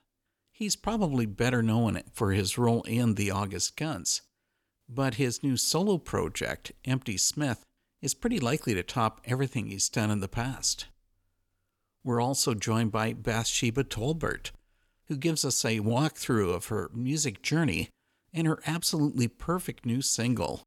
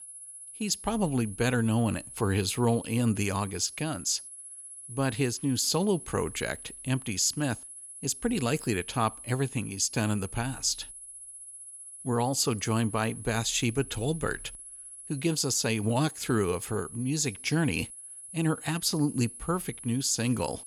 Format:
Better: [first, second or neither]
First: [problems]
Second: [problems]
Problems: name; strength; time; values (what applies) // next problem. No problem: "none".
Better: first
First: none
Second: high-pitched whine; noticeable; throughout; 10.5 kHz, 15 dB below the speech